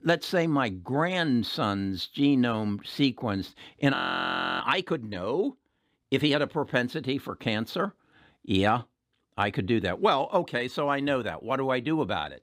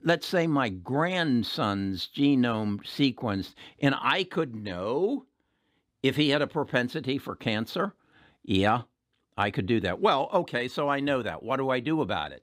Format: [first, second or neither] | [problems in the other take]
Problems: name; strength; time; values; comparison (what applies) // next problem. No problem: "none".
second | audio freezing; at 4 s for 0.5 s